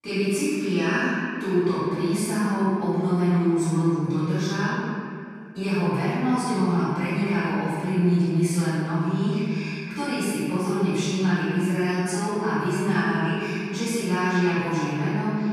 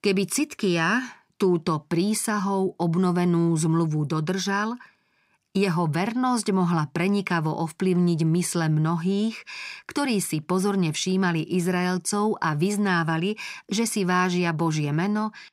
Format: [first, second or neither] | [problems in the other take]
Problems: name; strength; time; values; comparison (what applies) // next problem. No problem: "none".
second | off-mic speech; far // room echo; strong; dies away in 2.3 s